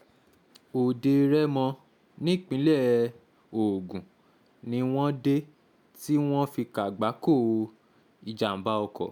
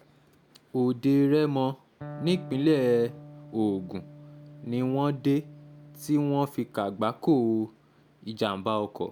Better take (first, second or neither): first